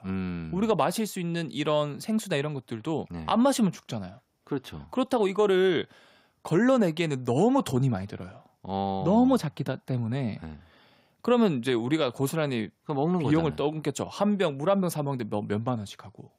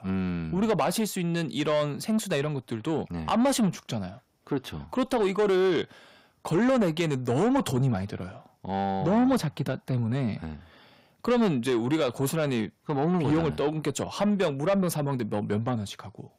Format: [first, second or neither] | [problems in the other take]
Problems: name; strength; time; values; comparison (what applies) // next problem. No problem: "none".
first | distortion; slight; 10 dB below the speech